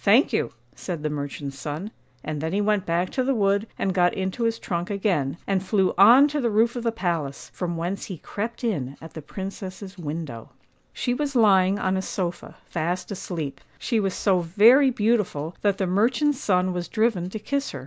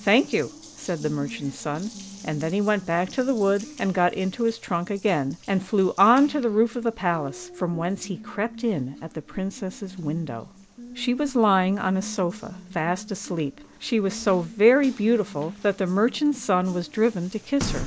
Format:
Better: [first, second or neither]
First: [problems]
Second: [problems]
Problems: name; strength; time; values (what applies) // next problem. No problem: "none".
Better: first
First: none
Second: background sound (Water tap, faucet); 16 dB below the speech